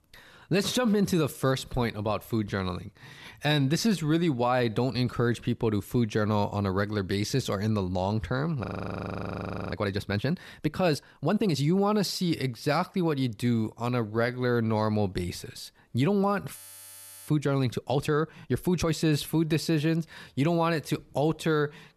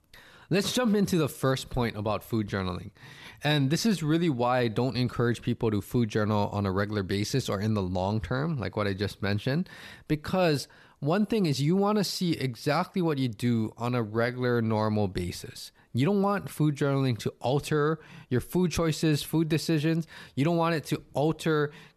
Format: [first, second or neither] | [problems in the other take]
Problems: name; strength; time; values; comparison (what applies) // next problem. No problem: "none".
second | audio freezing; at 8.5 s for 1 s and at 17 s for 0.5 s